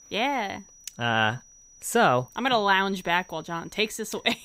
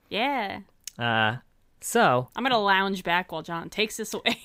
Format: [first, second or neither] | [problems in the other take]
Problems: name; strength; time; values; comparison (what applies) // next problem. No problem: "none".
second | high-pitched whine; faint; throughout; 6 kHz, 25 dB below the speech